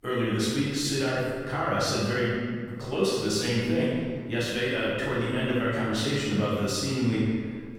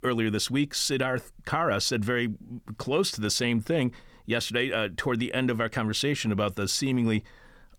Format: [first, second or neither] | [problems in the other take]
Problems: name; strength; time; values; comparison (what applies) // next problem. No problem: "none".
second | room echo; strong; dies away in 1.6 s // off-mic speech; far